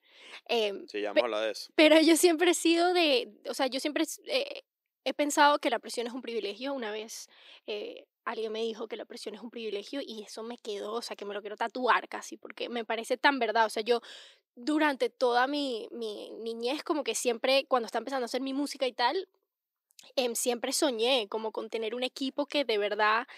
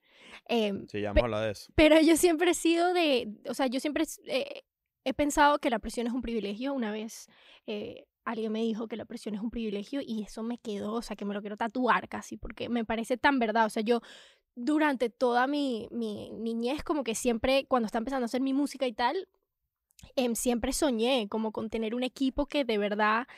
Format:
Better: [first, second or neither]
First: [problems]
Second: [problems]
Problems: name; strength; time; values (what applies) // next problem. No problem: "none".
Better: second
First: thin; very slightly; fading below 350 Hz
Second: none